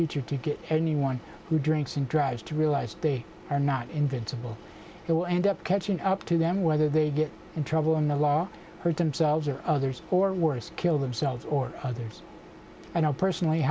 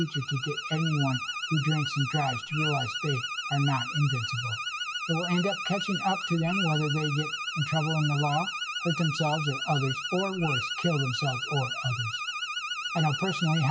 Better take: first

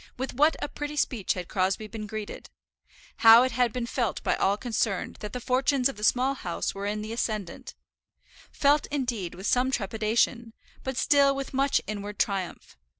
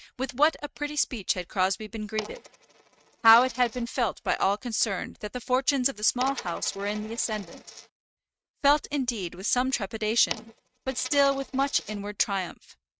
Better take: first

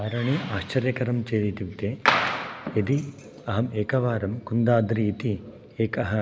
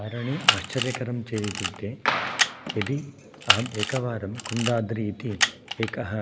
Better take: first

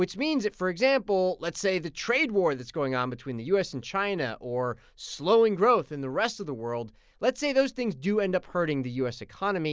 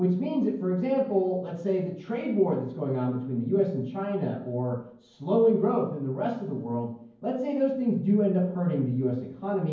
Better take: first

